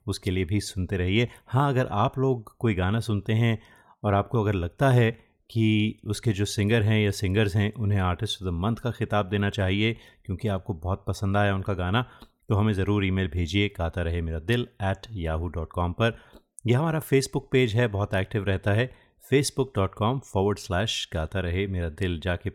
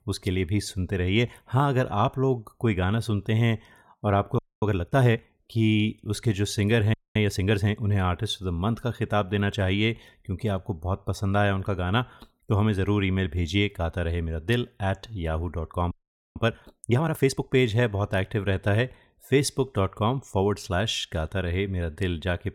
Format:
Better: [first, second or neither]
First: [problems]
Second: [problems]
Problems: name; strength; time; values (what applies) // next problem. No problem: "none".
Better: first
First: none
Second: audio freezing; at 4.5 s, at 7 s and at 16 s